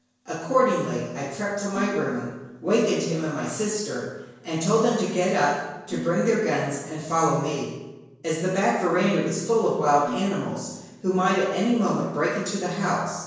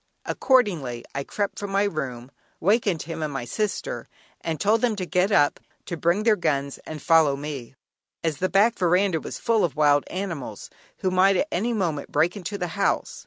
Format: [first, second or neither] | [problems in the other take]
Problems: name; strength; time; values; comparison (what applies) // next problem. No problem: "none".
second | background sound (Dishes, pots, and pans); 19 dB below the speech // room echo; dies away in 1 s